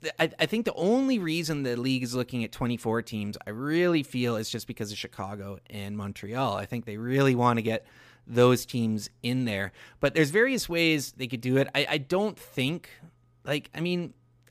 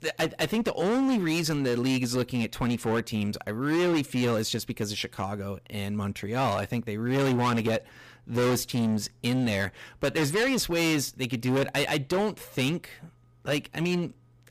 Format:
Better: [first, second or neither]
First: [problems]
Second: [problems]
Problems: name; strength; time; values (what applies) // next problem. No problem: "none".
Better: first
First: none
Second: distortion; heavy; 15% of the sound clipped